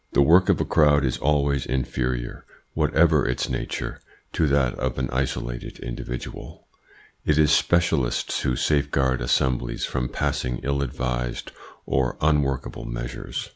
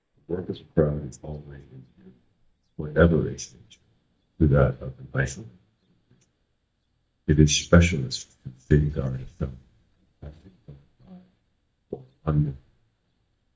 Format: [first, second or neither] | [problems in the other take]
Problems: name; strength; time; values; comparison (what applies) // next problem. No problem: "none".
first | noise reduction (neural mask model DeepFilterNet 3)